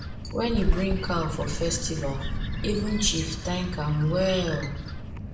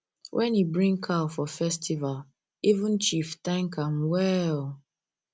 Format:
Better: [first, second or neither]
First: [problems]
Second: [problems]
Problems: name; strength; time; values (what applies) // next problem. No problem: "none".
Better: second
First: background sound (Bird); 2 dB below the speech // room echo; dies away in 0.7 s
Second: none